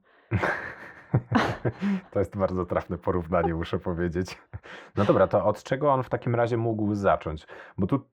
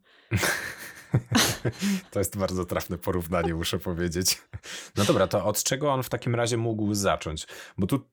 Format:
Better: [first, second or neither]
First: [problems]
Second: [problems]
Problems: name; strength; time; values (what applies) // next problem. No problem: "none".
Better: second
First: muffled; very; fading above 4 kHz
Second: none